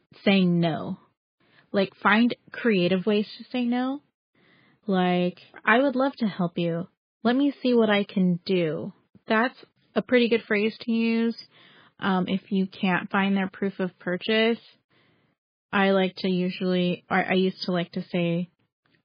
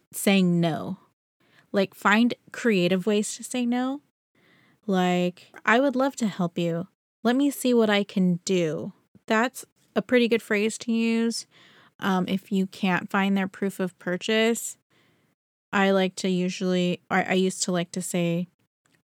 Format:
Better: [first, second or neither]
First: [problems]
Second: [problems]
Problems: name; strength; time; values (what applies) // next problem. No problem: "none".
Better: second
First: garbled, watery; badly; nothing above 5 kHz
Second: none